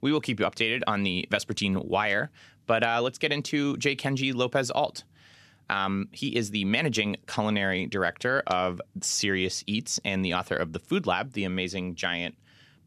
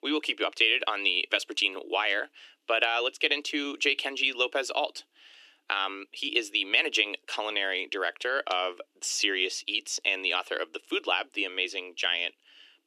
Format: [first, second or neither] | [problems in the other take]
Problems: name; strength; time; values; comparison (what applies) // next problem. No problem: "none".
first | thin; somewhat; fading below 300 Hz